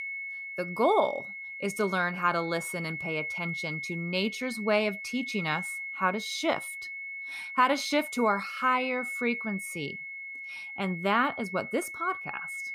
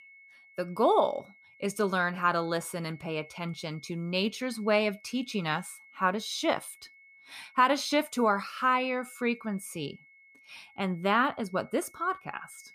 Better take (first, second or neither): second